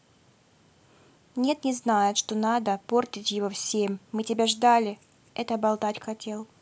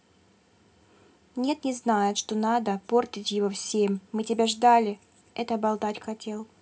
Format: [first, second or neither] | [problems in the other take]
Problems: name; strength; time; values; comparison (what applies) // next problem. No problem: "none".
first | room echo; dies away in 0.3 s